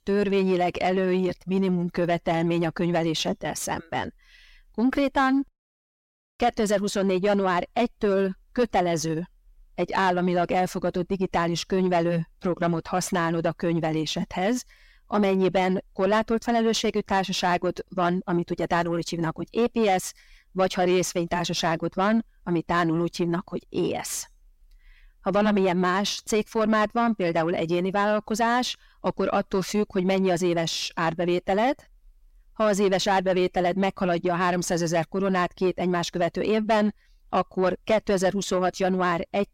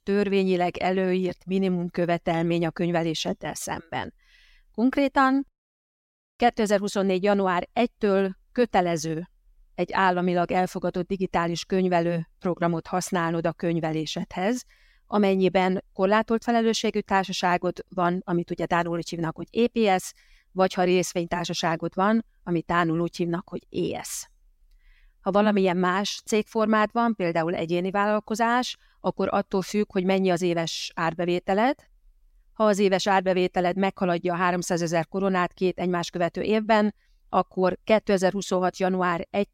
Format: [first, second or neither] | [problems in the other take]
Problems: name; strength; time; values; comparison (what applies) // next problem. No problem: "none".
second | distortion; slight; 10 dB below the speech